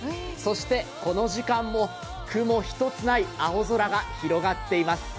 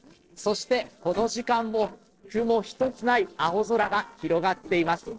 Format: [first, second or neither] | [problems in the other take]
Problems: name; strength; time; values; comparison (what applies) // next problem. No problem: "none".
first | noise reduction (neural separator model SepFormer DNS4)